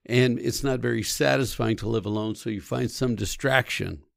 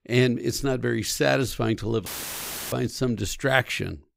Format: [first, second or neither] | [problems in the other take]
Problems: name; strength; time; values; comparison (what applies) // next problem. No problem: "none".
first | audio cutting out; filled with static; at 2 s for 0.5 s